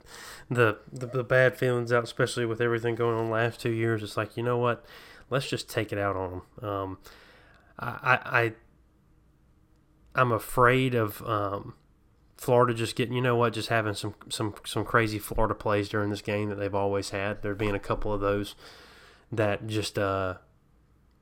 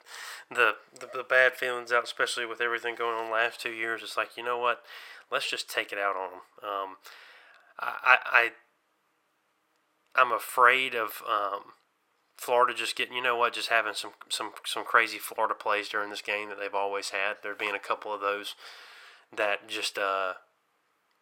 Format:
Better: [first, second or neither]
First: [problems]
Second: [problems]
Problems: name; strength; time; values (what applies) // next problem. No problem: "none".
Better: first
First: none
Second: thin; very; fading below 750 Hz